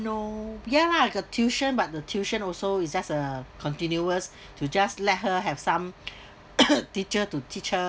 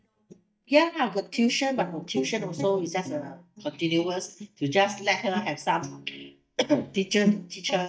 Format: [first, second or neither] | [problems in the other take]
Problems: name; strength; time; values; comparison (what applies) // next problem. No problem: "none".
first | noise reduction (neural mask model DeepFilterNet 3)